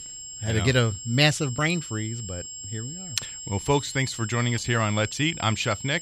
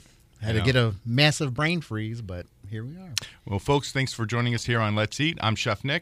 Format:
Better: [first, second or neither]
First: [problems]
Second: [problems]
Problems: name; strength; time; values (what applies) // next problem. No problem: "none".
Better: second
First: high-pitched whine; noticeable; throughout; 7.5 kHz, 10 dB below the speech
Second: none